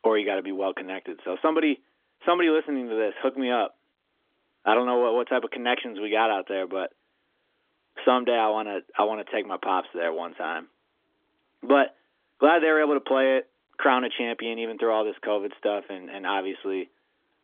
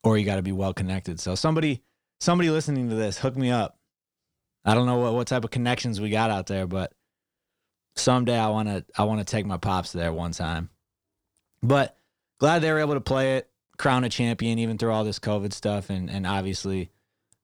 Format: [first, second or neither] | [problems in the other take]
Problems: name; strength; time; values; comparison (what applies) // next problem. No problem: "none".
second | phone-call audio; nothing above 3.5 kHz